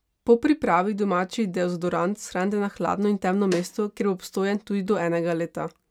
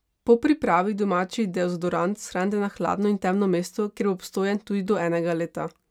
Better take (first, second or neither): second